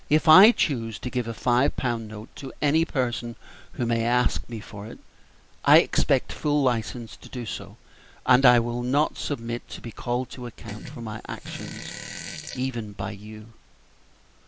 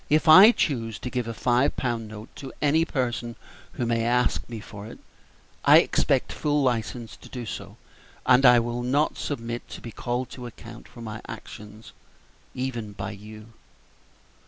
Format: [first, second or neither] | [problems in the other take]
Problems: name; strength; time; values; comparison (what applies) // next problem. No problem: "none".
second | background sound (Fart); 12 dB below the speech